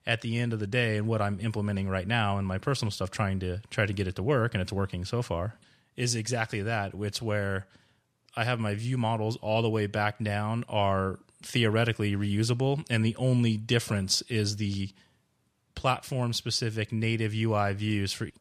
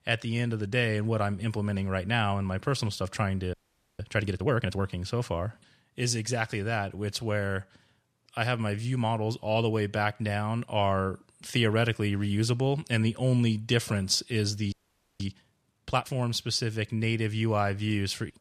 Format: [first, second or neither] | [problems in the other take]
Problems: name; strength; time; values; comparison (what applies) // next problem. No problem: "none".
first | audio freezing; at 3.5 s and at 15 s